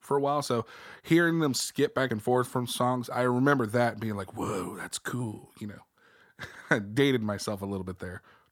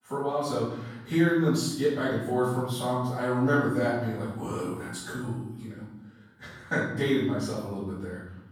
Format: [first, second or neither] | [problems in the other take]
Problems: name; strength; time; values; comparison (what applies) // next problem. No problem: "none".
first | room echo; noticeable; dies away in 0.9 s // off-mic speech; far